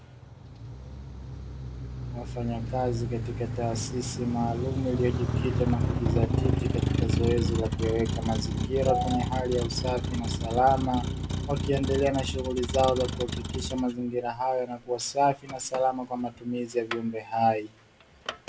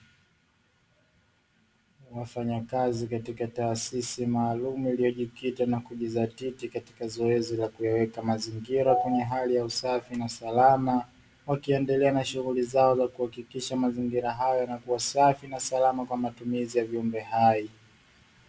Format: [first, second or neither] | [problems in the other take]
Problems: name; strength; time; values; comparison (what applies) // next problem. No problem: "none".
second | background sound (Motor vehicle (road)); 1 dB below the speech